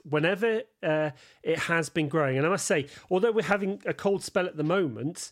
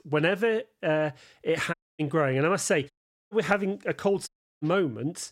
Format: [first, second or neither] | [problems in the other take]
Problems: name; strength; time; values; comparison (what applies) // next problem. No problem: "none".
first | audio cutting out; at 1.5 s, at 3 s and at 4.5 s